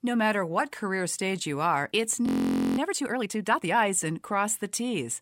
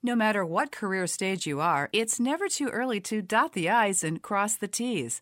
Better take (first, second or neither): second